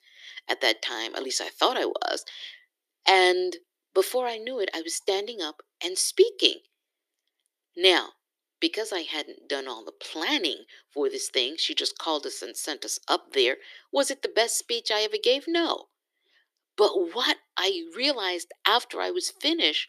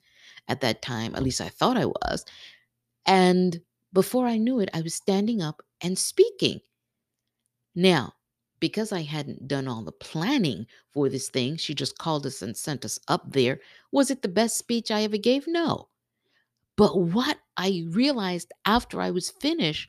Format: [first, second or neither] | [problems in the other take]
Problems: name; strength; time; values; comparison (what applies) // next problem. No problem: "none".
second | thin; very; fading below 300 Hz